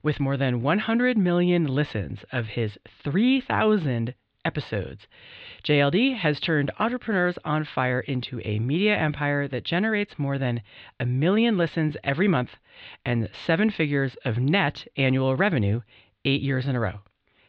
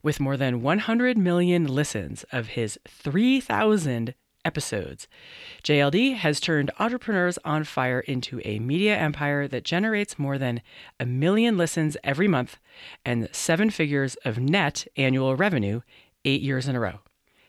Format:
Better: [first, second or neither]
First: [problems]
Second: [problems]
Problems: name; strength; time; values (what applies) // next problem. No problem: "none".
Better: second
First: muffled; slightly; fading above 4 kHz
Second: none